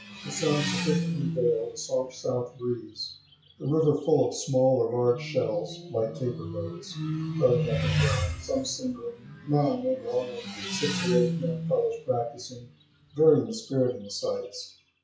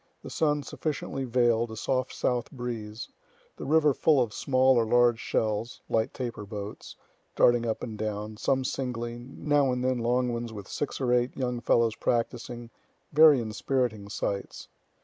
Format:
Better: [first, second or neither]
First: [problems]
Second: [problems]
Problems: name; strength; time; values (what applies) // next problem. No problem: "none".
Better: second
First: noise reduction (classical method WPE with log-MMSE)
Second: none